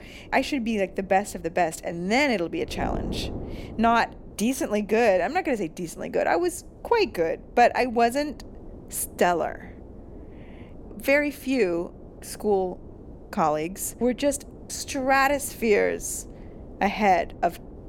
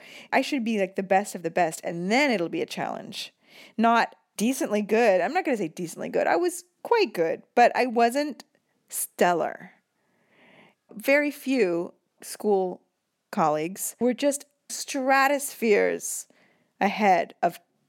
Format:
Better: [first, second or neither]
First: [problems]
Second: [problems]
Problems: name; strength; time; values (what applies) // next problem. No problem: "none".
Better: second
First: wind noise on the microphone; occasional gusts; 25 dB below the speech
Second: none